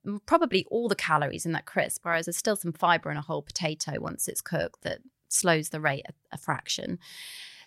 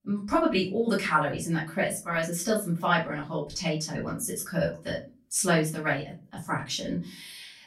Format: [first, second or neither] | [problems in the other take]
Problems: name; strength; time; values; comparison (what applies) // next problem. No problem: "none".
first | off-mic speech; far // room echo; slight; dies away in 0.3 s